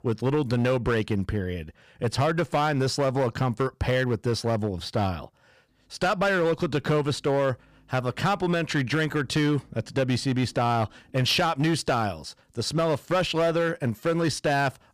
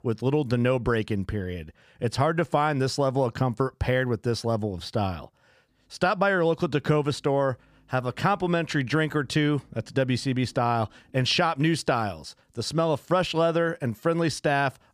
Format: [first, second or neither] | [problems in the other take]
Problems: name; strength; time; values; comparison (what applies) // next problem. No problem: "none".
second | distortion; slight; 9% of the sound clipped